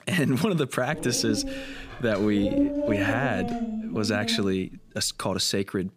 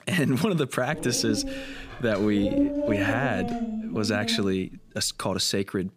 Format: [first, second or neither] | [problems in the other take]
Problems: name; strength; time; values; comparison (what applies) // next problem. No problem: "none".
neither | dog barking; loud; from 1 to 4.5 s; peak 2 dB above the speech; the same in both